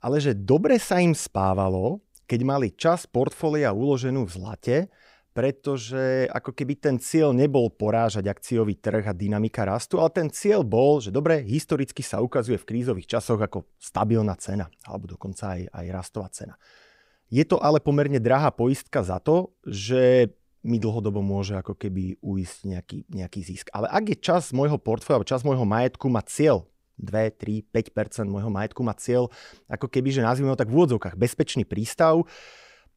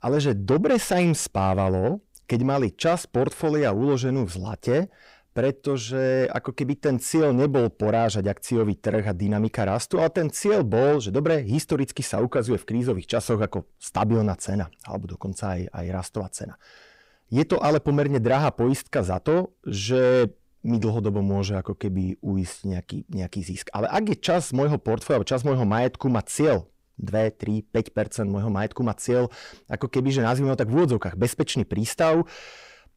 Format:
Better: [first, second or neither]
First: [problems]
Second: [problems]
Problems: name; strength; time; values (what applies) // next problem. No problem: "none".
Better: first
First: none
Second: distortion; slight; 10 dB below the speech